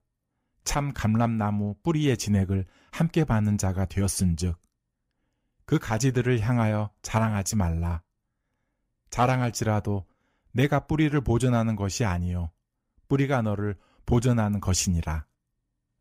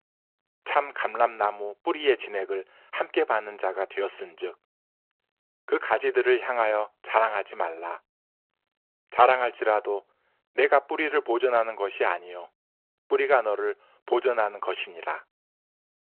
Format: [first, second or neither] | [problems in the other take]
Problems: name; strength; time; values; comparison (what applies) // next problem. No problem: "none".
first | phone-call audio